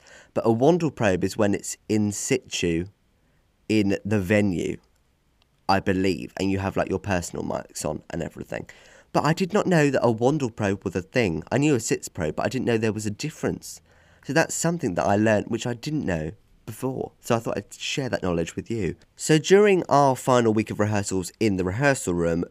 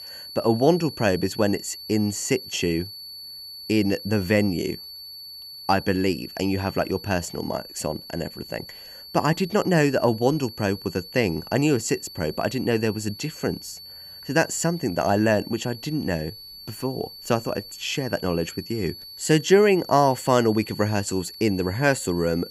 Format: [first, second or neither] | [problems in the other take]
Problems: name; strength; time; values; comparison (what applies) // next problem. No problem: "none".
first | high-pitched whine; noticeable; throughout; 4.5 kHz, 15 dB below the speech